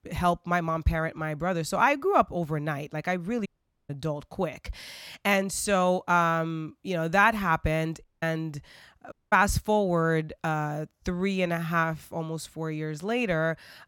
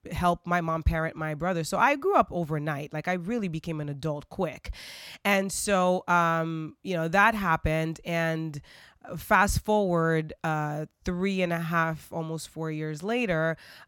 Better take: second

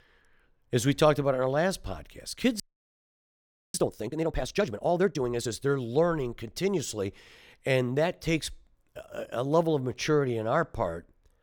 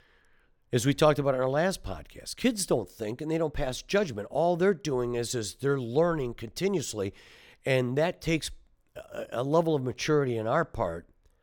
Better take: second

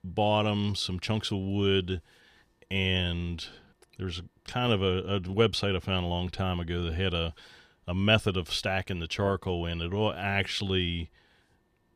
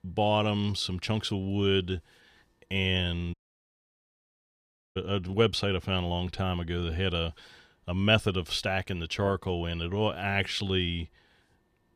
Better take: first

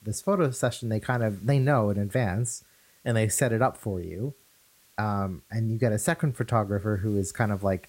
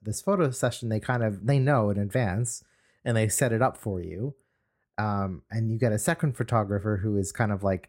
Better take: second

